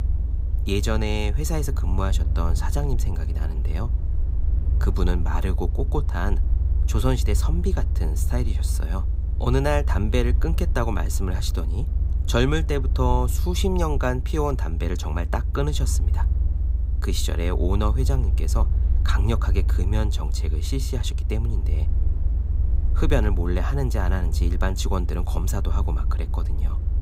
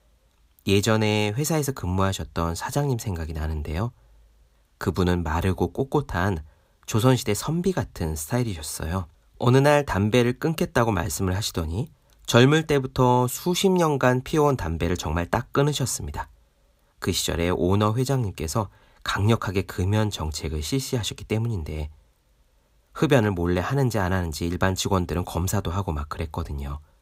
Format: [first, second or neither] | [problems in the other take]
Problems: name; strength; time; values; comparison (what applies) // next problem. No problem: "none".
second | low rumble; noticeable; throughout; 15 dB below the speech